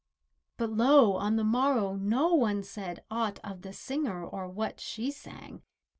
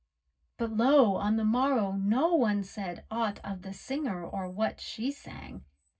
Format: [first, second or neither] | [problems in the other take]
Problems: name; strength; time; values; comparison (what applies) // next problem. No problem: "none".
first | room echo; dies away in 0.4 s